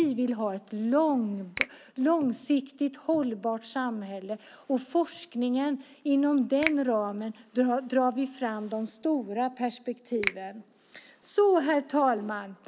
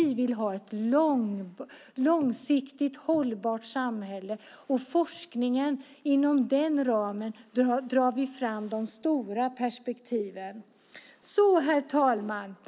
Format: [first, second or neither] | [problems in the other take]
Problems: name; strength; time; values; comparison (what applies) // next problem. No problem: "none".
second | background sound (Finger snapping); 13 dB below the speech